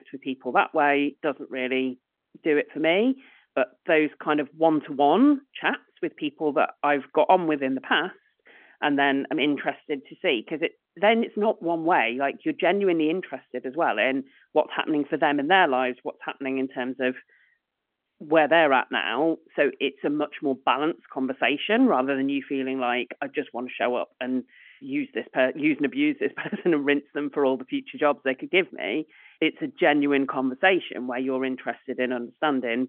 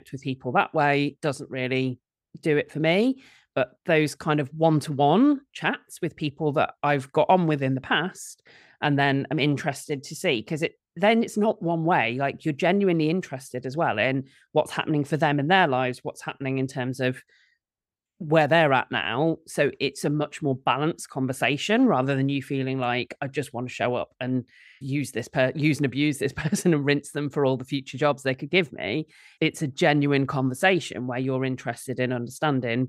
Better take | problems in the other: second | phone-call audio; nothing above 3 kHz

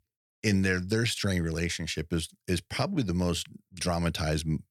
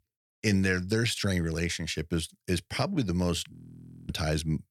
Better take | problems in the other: first | audio freezing; at 3.5 s for 0.5 s

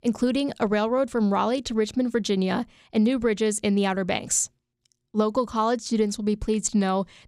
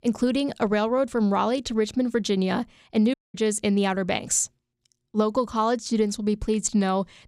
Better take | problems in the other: first | audio cutting out; at 3 s

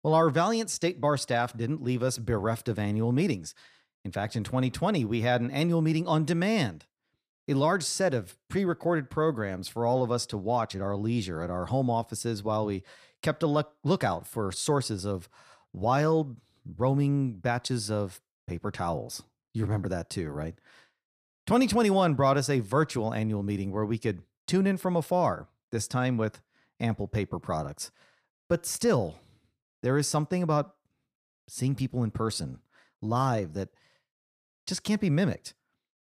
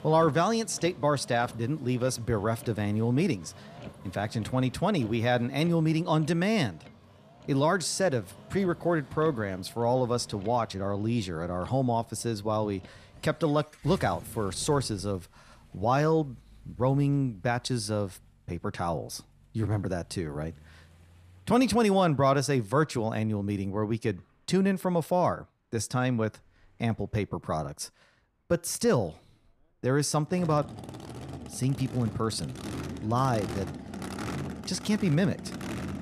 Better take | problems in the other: first | traffic noise; noticeable; throughout; 15 dB below the speech

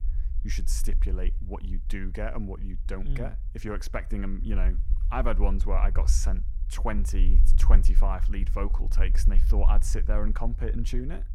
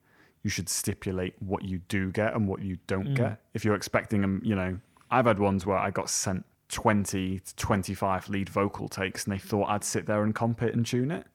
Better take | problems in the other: second | low rumble; noticeable; throughout; 15 dB below the speech

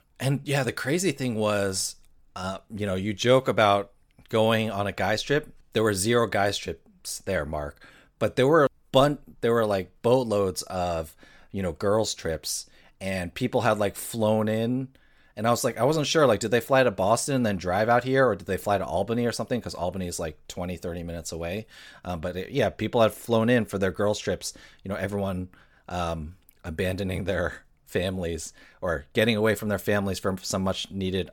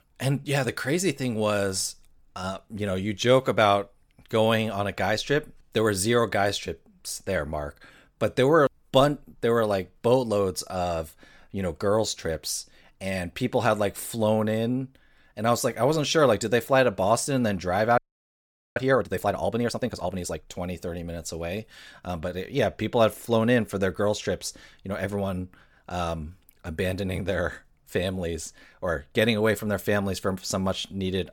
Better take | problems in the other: first | audio freezing; at 18 s for 1 s

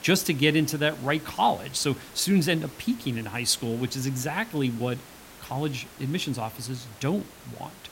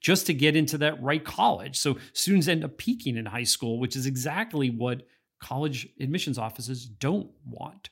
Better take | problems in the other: second | hiss; noticeable; throughout; 20 dB below the speech

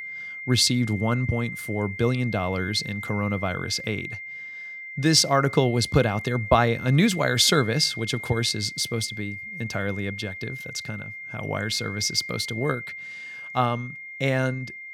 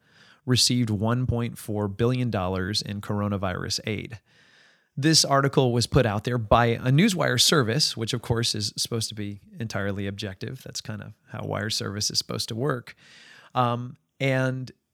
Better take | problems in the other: second | high-pitched whine; noticeable; throughout; 2 kHz, 10 dB below the speech

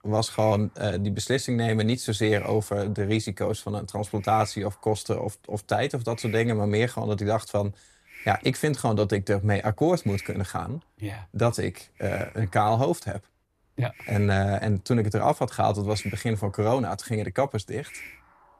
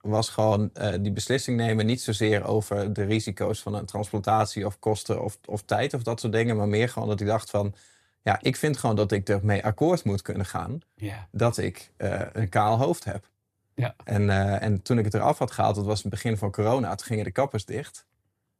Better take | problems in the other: second | hiss; noticeable; throughout; 20 dB below the speech

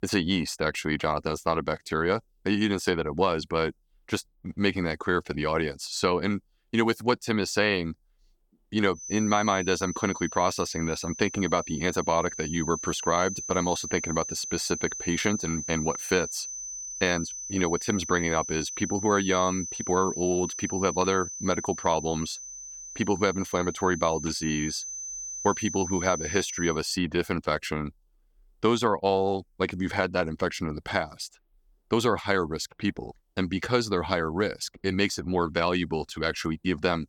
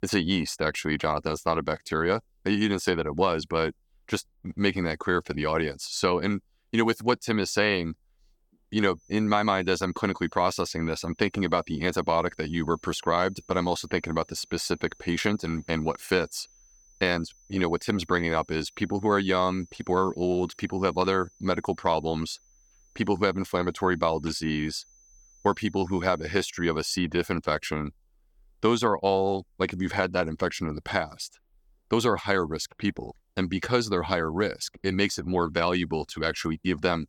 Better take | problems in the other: second | high-pitched whine; loud; from 9 to 27 s; 6 kHz, 7 dB below the speech; faint in the second

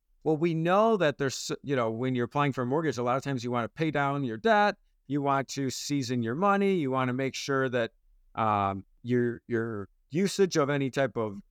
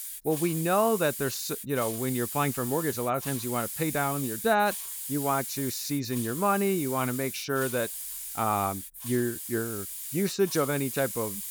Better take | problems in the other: first | hiss; loud; throughout; 6 dB below the speech

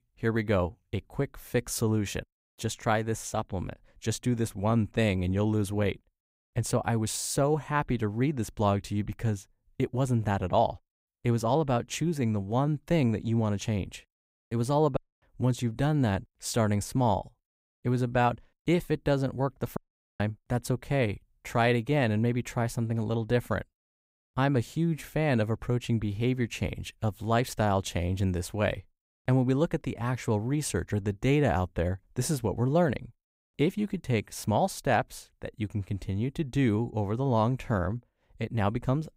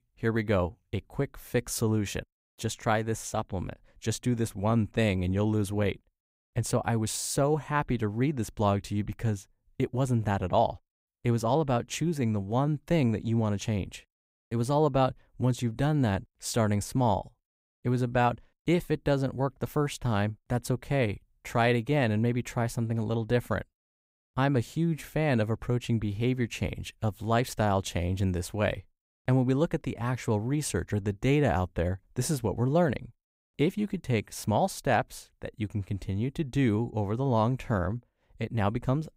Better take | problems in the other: second | audio cutting out; at 15 s and at 20 s

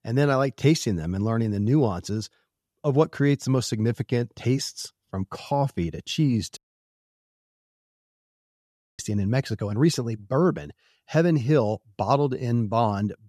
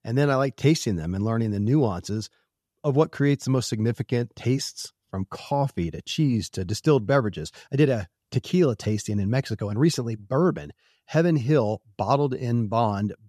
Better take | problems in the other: second | audio cutting out; at 6.5 s for 2.5 s

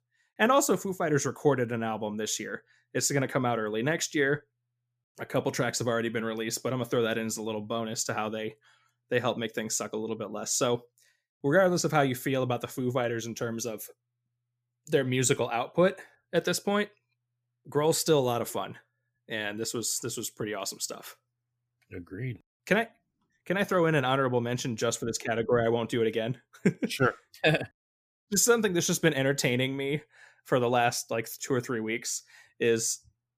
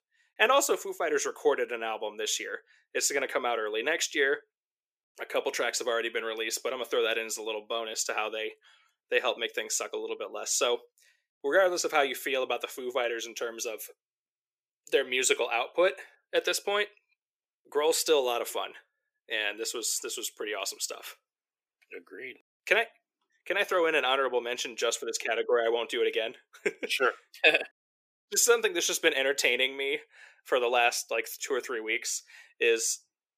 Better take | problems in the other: first | thin; very; fading below 400 Hz

